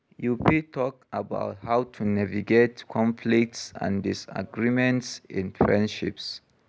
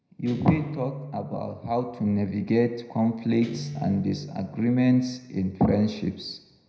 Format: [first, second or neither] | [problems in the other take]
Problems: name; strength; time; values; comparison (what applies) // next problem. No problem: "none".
first | background sound (Guitar); 14 dB below the speech // room echo; dies away in 0.8 s